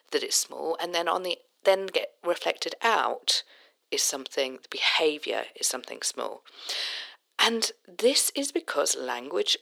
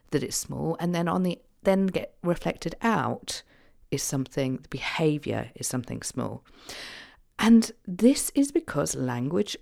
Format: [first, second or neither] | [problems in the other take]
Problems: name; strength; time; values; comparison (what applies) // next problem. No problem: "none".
second | thin; very; fading below 400 Hz